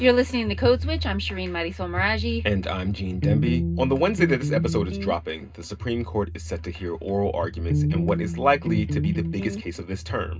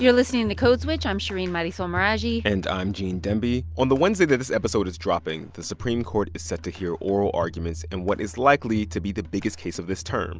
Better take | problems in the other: second | background sound (Electric guitar); 1 dB below the speech // room echo; dies away in 0.2 s

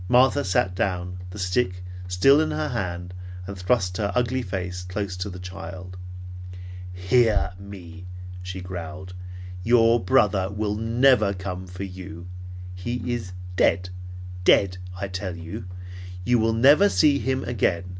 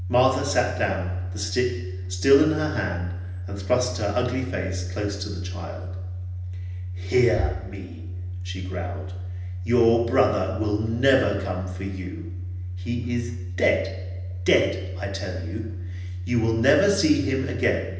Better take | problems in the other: first | room echo; dies away in 0.9 s

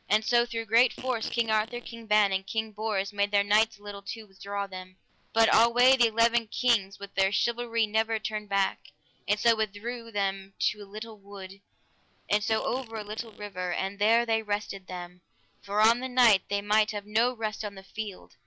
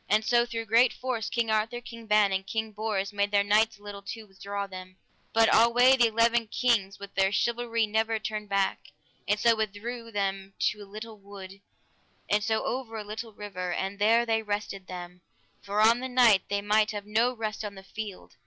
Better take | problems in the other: second | background sound (Fart); 17 dB below the speech

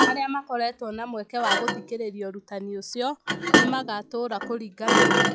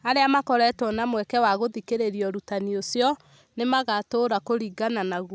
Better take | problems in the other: second | noise reduction (classical method log-MMSE)

